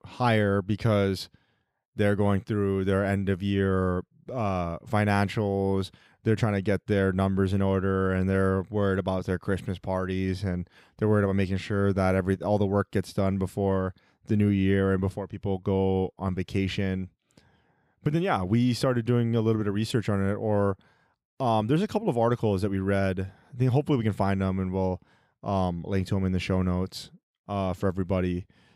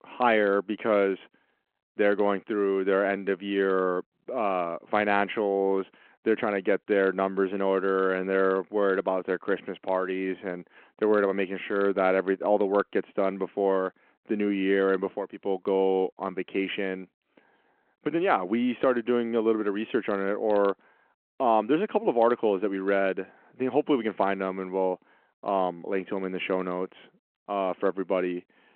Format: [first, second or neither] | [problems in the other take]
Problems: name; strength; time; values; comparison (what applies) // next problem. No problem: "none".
first | phone-call audio